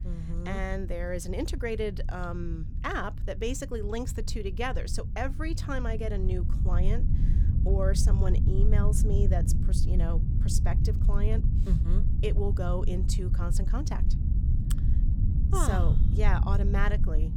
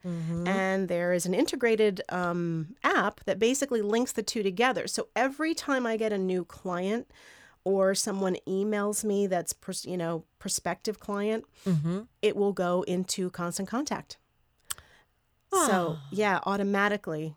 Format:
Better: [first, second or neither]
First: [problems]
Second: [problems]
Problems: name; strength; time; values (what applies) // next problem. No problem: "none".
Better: second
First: low rumble; loud; throughout; 8 dB below the speech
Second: none